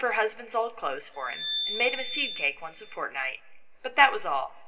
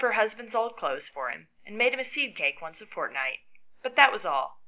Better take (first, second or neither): second